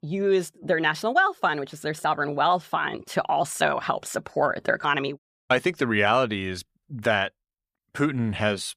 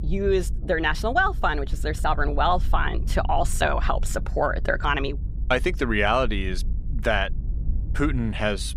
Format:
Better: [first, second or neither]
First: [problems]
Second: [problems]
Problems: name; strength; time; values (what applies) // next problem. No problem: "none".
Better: first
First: none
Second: low rumble; faint; throughout; 25 dB below the speech